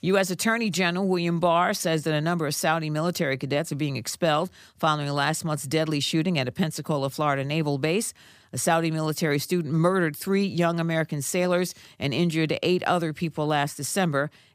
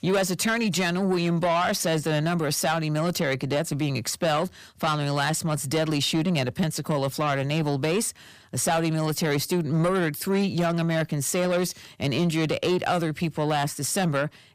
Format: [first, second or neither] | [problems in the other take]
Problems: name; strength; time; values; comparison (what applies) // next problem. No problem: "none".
first | distortion; slight; 10 dB below the speech